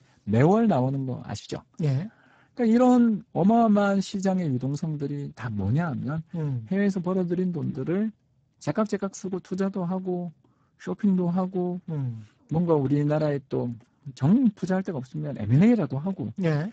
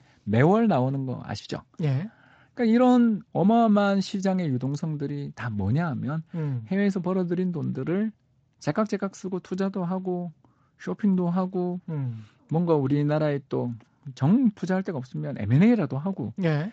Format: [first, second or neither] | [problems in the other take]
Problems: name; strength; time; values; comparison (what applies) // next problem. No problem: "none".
second | garbled, watery; badly; nothing above 7.5 kHz; slightly in the second